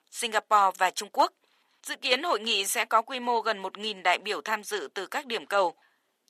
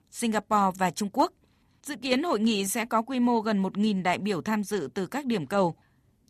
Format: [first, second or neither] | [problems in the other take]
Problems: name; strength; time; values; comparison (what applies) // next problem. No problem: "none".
second | thin; very; fading below 450 Hz